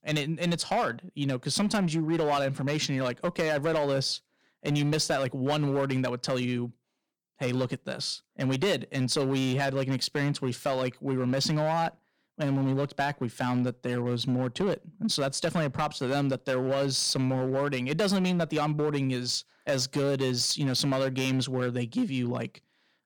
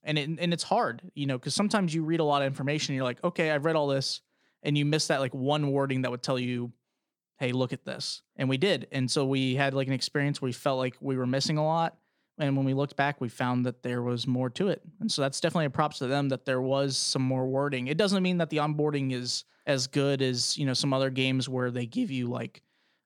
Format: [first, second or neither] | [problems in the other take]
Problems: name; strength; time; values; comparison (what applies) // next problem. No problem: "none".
second | distortion; slight; 9% of the sound clipped